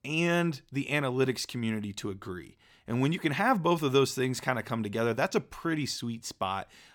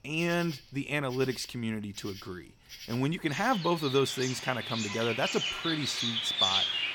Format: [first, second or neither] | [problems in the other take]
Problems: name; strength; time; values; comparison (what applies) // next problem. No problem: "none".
first | animal sounds; very loud; throughout; 1 dB above the speech